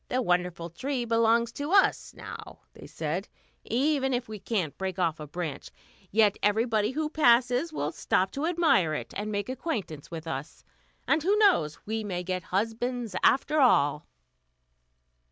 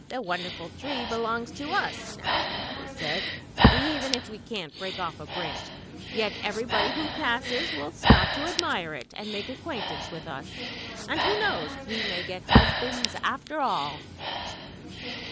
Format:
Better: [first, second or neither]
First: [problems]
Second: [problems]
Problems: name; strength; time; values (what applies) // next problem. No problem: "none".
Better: first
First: none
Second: background sound (Breathing); 4 dB above the speech